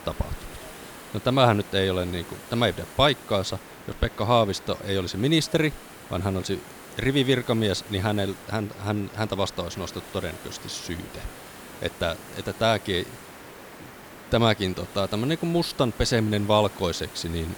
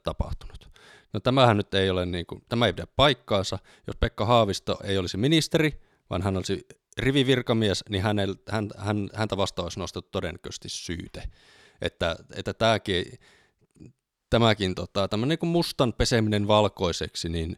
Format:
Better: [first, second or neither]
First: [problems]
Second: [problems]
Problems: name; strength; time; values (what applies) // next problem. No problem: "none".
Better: second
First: hiss; noticeable; throughout; 15 dB below the speech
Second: none